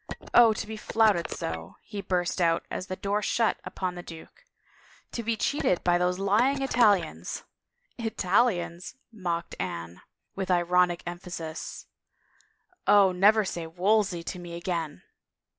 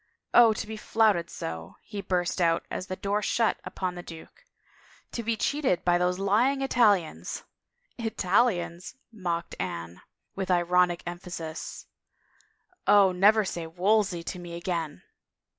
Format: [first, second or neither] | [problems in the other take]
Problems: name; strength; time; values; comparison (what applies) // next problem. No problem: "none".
second | background sound (Telephone); 11 dB below the speech